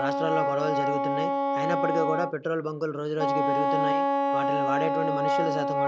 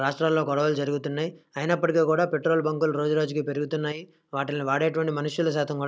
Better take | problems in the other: second | background sound (Wind instrument, woodwind instrument); 4 dB above the speech

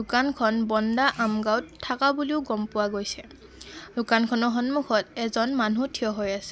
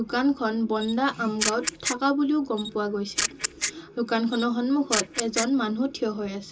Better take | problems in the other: first | background sound (Camera); 6 dB below the speech // room echo; dies away in 0.2 s

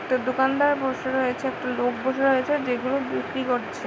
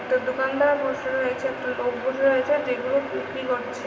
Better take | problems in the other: first | room echo; dies away in 2.2 s

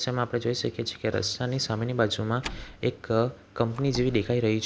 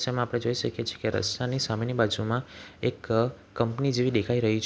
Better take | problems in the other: second | background sound (Slam); 18 dB below the speech

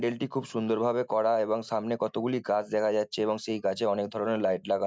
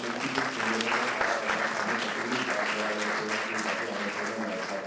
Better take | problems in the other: first | background sound (Applause); 5 dB above the speech // room echo; dies away in 0.9 s

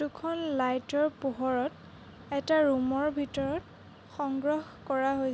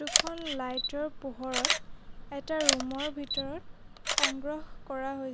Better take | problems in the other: first | background sound (Camera); 3 dB above the speech

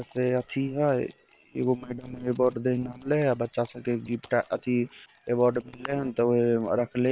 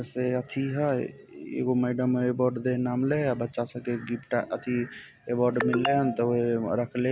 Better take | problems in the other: second | noise reduction (neural separator model SepFormer WHAM!)

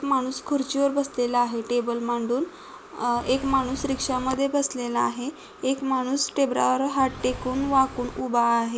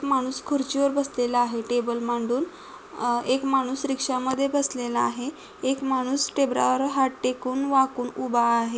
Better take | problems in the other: second | background sound (Engine / Car); 13 dB below the speech

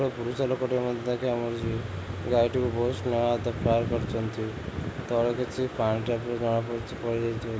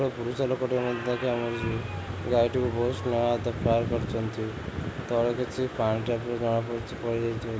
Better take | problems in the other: first | background sound (Squeak); 19 dB below the speech

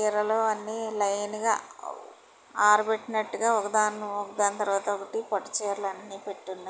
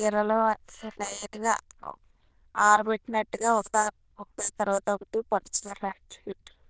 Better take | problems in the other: first | noise reduction (neural diffusion model UNIVERSE++)

